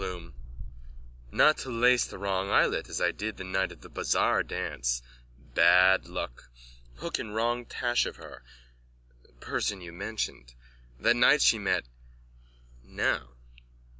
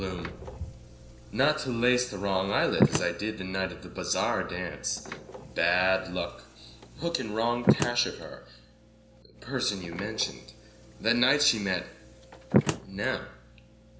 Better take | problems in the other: first | background sound (Slam); 4 dB below the speech // room echo; dies away in 0.5 s

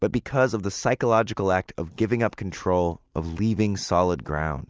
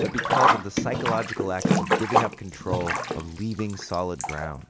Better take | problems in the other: first | background sound (Sink (filling or washing)); 4 dB above the speech

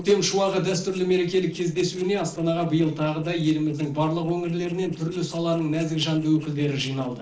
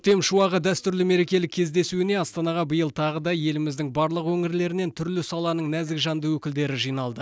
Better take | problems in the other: second | noise reduction (neural separator model SepFormer DNS4)

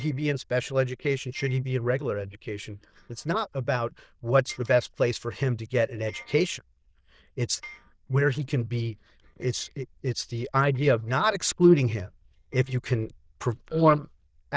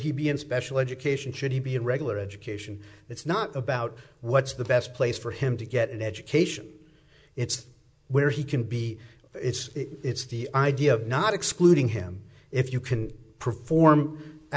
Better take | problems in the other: second | noise reduction (neural diffusion model UNIVERSE++)

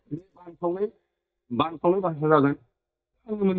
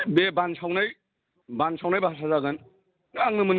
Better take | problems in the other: second | noise reduction (neural mask model DeepFilterNet 3)

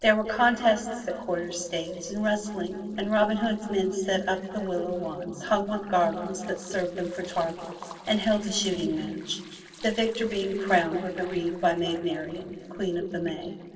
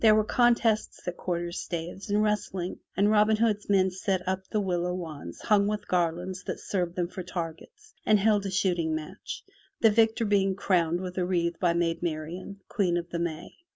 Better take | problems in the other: second | noise reduction (neural separator model SepFormer DNS4)

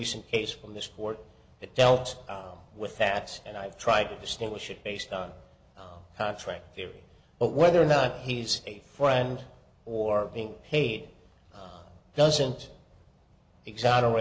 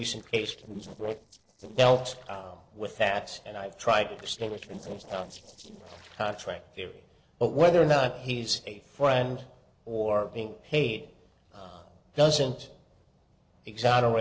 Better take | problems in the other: first | noise reduction (neural separator model SepFormer DNS4)

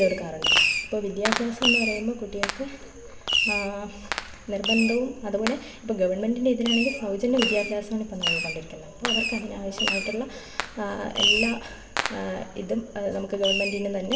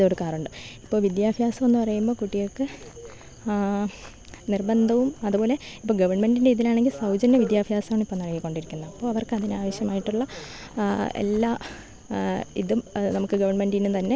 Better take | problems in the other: second | background sound (Fireworks); 1 dB below the speech // room echo; dies away in 1 s

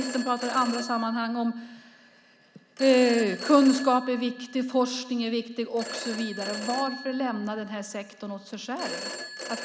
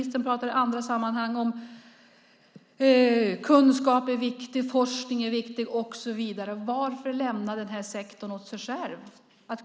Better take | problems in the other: second | background sound (Telephone); 12 dB below the speech

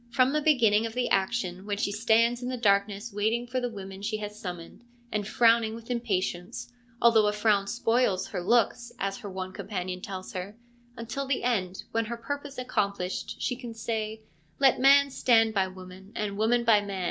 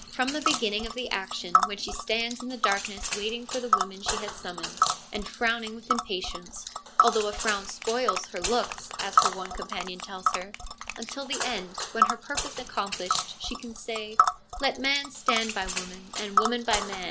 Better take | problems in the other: first | background sound (Tick); 2 dB above the speech

